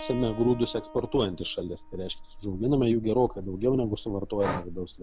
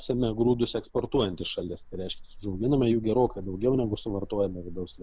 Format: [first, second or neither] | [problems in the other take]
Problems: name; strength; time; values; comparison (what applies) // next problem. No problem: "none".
second | background sound (Breathing + Keyboard (musical)); 15 dB below the speech